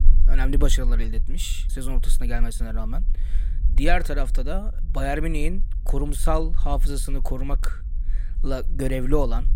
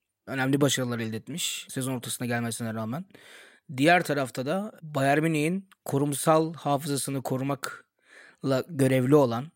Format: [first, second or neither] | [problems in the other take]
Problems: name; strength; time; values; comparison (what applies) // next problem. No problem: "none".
second | low rumble; faint; throughout; 20 dB below the speech